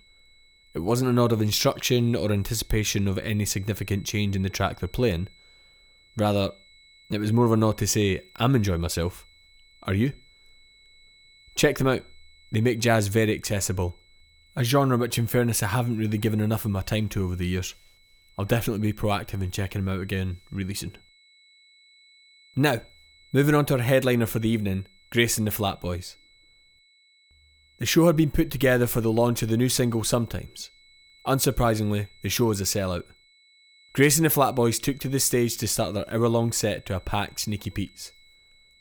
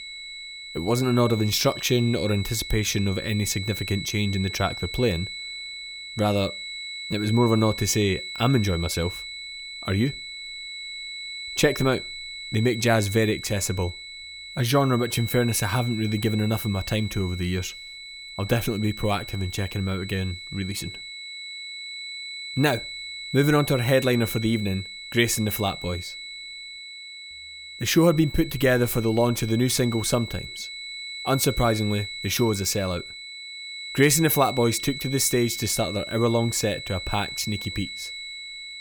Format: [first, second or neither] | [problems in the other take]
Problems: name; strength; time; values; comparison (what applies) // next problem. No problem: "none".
first | high-pitched whine; loud; throughout; 2 kHz, 10 dB below the speech; faint in the first